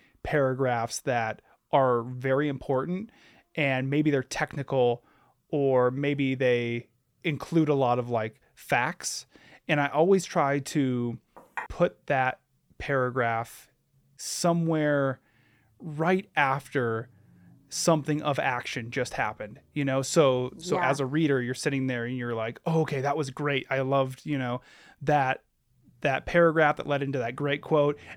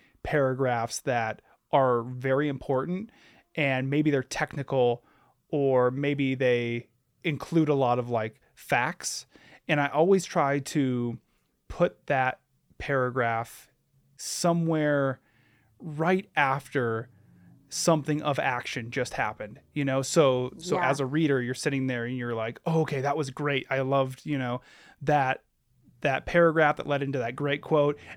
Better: second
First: clattering dishes; faint; at 11 s; peak 10 dB below the speech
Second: none

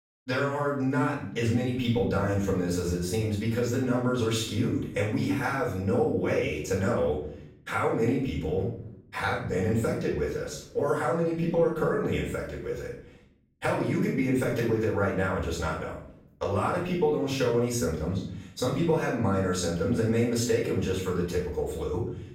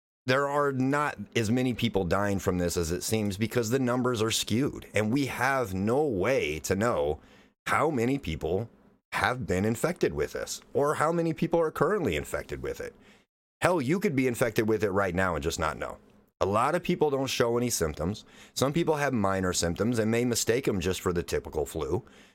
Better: second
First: room echo; noticeable; dies away in 0.8 s // off-mic speech; far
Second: none

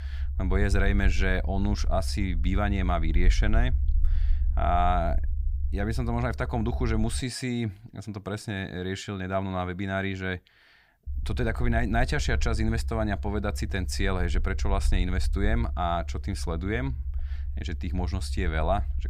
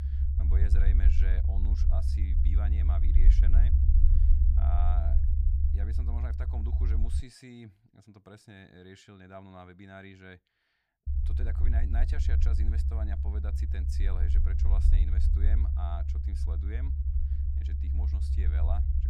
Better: first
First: low rumble; faint; until 7 s and from 11 s on; 20 dB below the speech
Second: low rumble; loud; until 7 s and from 11 s on; as loud as the speech

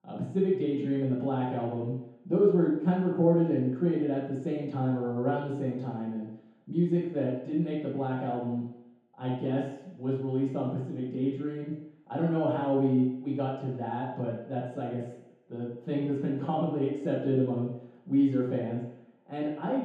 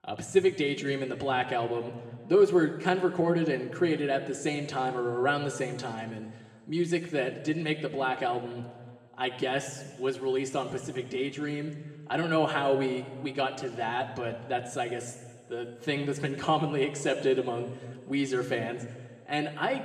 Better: second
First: room echo; strong; dies away in 0.8 s // off-mic speech; far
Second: room echo; slight; dies away in 1.3 s // off-mic speech; somewhat distant

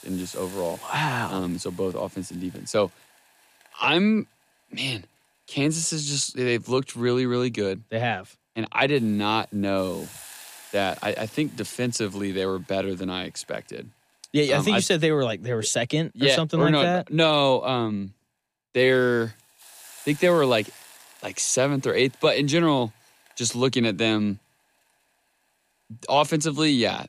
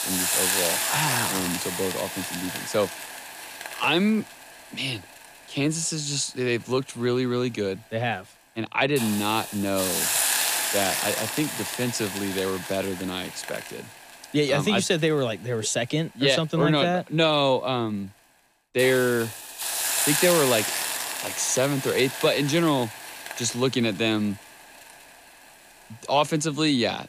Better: first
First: hiss; faint; throughout; 20 dB below the speech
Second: hiss; loud; throughout; 2 dB below the speech

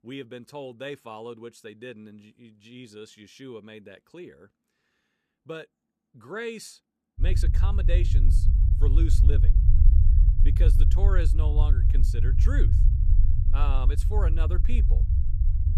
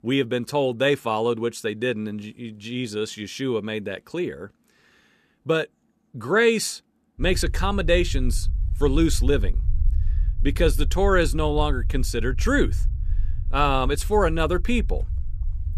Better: second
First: low rumble; loud; from 7 s on; 4 dB below the speech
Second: low rumble; faint; from 7 s on; 25 dB below the speech

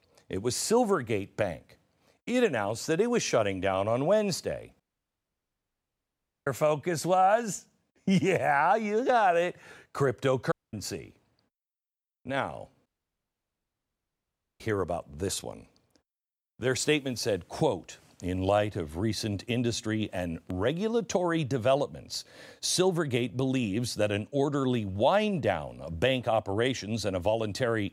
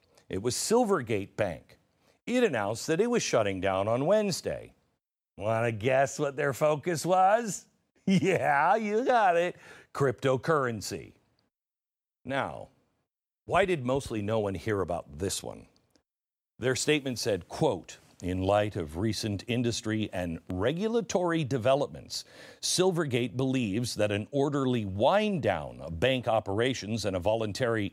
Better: second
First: audio cutting out; at 5 s for 1.5 s, at 11 s and at 13 s for 1.5 s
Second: none

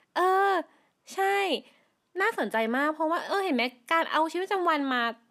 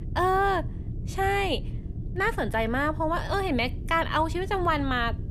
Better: first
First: none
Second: low rumble; faint; throughout; 20 dB below the speech

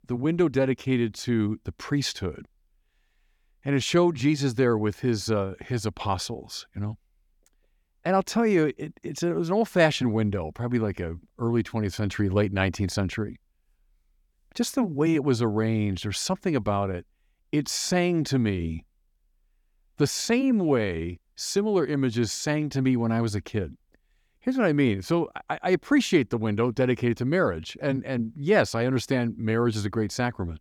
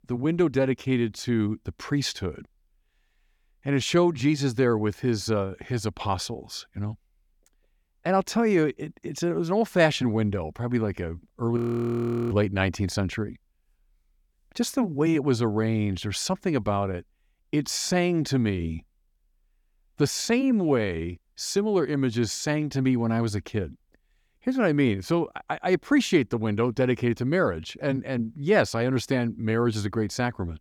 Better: first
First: none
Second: audio freezing; at 12 s for 0.5 s

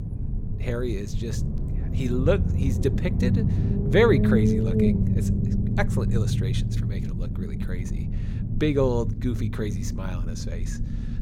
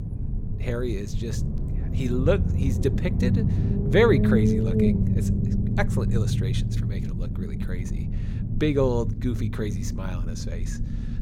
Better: neither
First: low rumble; loud; throughout; 6 dB below the speech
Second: low rumble; loud; throughout; 6 dB below the speech

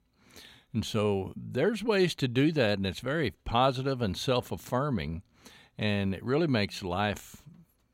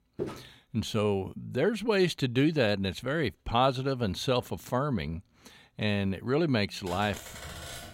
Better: first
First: none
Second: footsteps; noticeable; at the start; peak 9 dB below the speech // keyboard typing; faint; from 7 s on; peak 10 dB below the speech

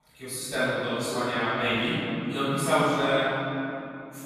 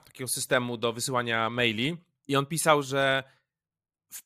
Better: second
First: off-mic speech; far // room echo; strong; dies away in 2.9 s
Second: none

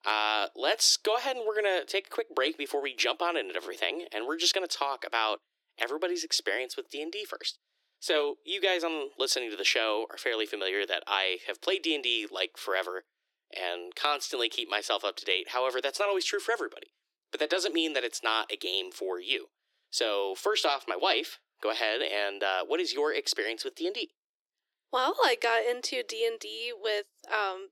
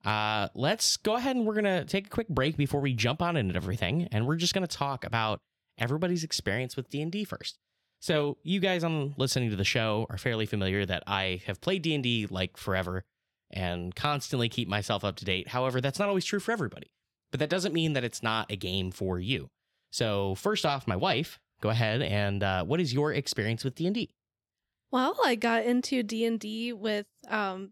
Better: second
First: thin; very; fading below 300 Hz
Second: none

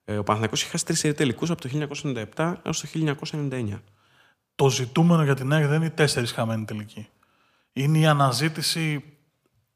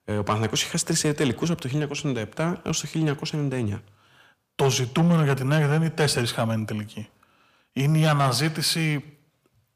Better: first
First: none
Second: distortion; slight; 10 dB below the speech

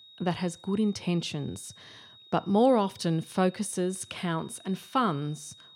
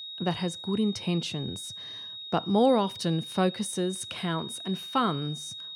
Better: first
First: high-pitched whine; faint; throughout; 4 kHz, 20 dB below the speech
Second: high-pitched whine; loud; throughout; 4 kHz, 9 dB below the speech

